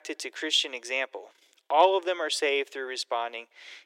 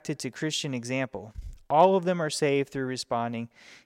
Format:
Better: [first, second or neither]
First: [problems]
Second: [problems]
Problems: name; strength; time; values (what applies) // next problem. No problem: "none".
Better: second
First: thin; very; fading below 300 Hz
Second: none